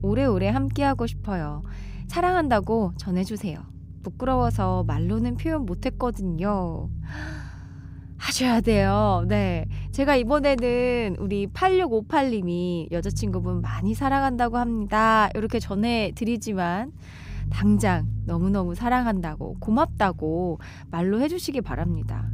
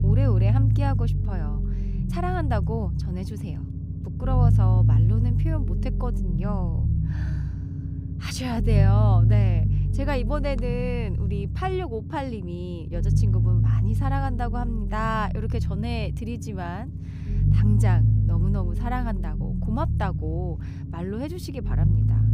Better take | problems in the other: first | low rumble; loud; throughout; 5 dB below the speech; faint in the first

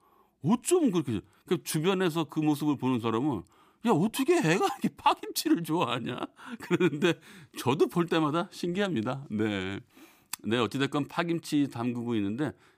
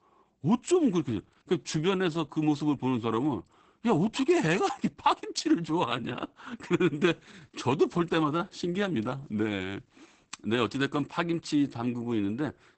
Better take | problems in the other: first | garbled, watery; badly; nothing above 8 kHz

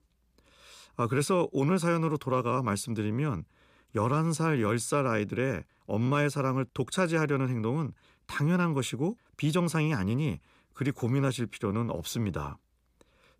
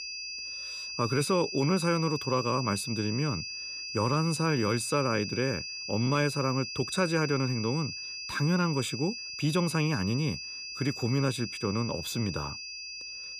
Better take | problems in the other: first | high-pitched whine; loud; throughout; 5 kHz, 6 dB below the speech

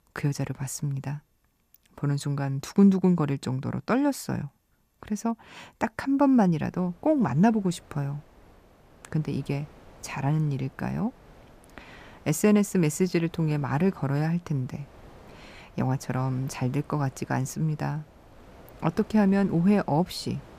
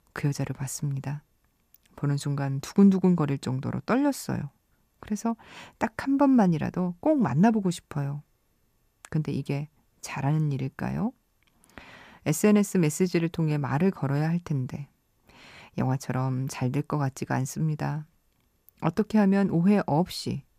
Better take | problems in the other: second | wind noise on the microphone; occasional gusts; from 6.5 s on; 25 dB below the speech

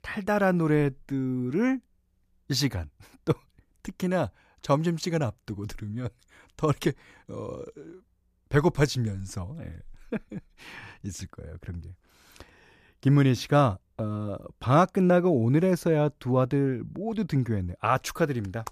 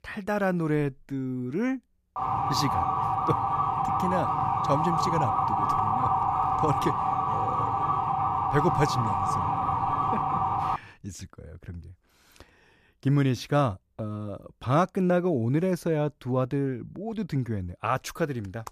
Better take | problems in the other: first | siren; loud; from 2 to 11 s; peak 4 dB above the speech

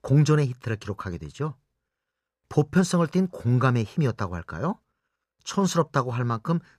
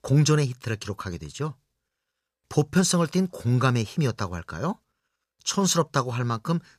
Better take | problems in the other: second | muffled; slightly; fading above 2.5 kHz

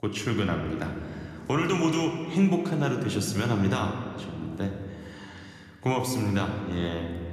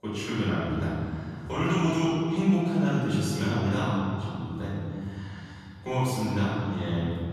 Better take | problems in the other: first | room echo; strong; dies away in 2.7 s; slight in the first // off-mic speech; far

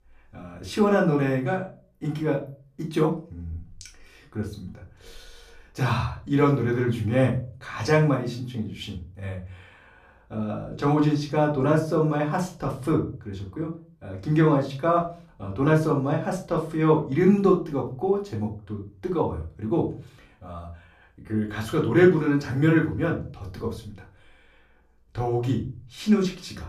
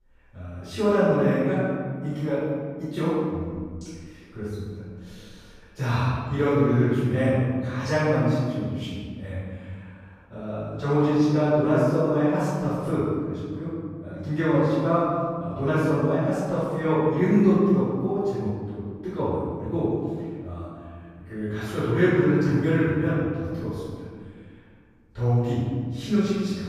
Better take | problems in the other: first | room echo; strong; dies away in 1.7 s; slight in the first // off-mic speech; far; far in the first

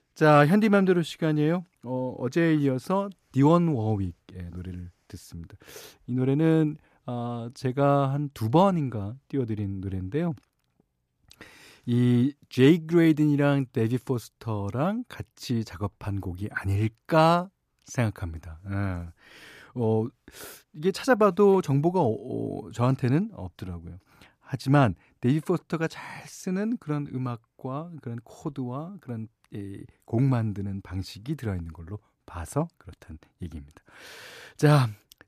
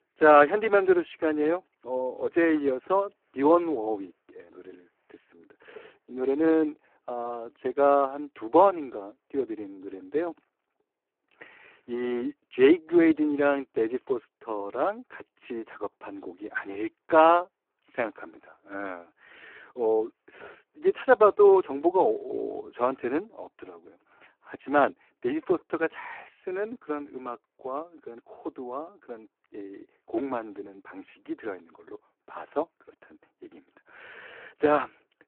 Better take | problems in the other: first | phone-call audio; poor line

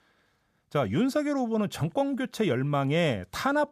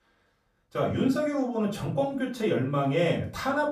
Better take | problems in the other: first | off-mic speech; far // room echo; slight; dies away in 0.3 s

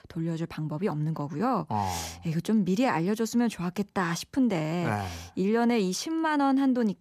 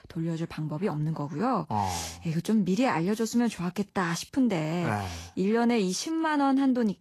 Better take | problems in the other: first | garbled, watery; slightly; nothing above 12.5 kHz

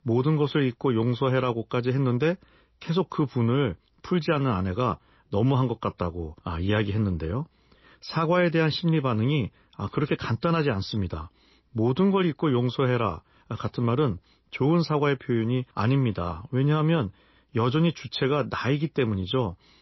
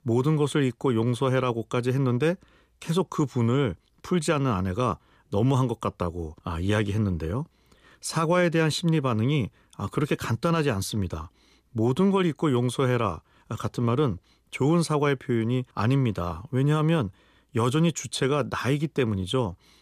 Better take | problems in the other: second | garbled, watery; slightly; nothing above 5.5 kHz

